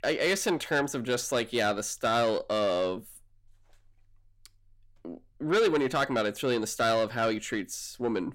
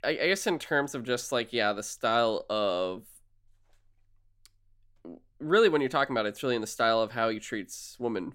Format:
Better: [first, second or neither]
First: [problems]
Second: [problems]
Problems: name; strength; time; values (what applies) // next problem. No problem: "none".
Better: second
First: distortion; slight; 10 dB below the speech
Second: none